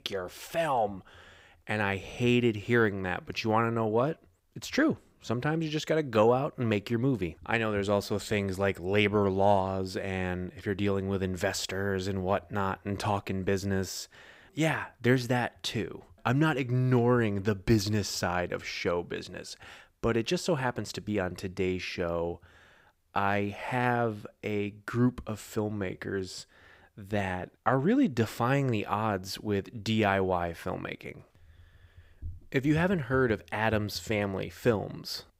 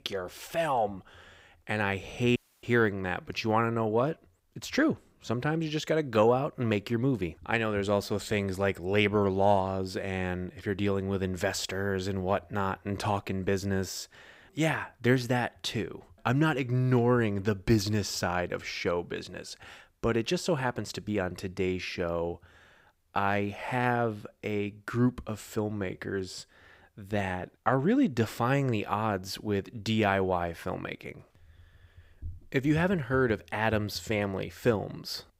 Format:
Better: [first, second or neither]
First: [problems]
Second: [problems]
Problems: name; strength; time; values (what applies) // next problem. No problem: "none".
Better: first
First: none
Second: audio cutting out; at 2.5 s